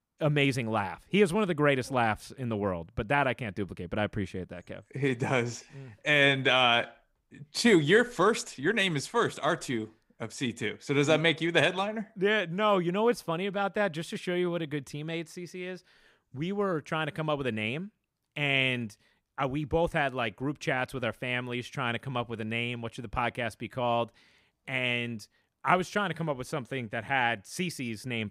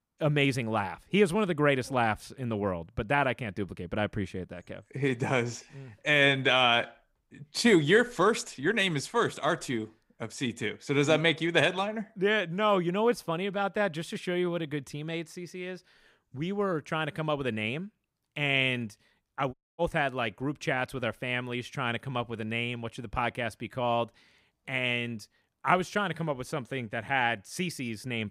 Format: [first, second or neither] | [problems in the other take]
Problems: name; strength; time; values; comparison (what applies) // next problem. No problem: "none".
first | audio cutting out; at 20 s